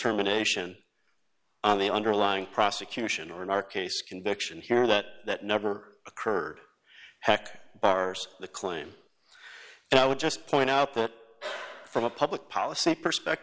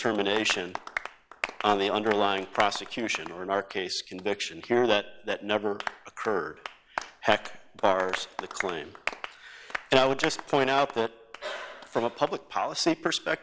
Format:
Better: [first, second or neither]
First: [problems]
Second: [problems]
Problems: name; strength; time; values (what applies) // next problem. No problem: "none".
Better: first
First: none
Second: background sound (Applause); 12 dB below the speech